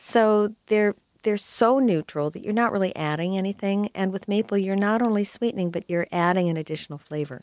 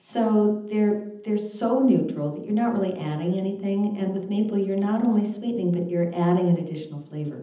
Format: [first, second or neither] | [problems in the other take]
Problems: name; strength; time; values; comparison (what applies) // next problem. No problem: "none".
first | room echo; dies away in 0.8 s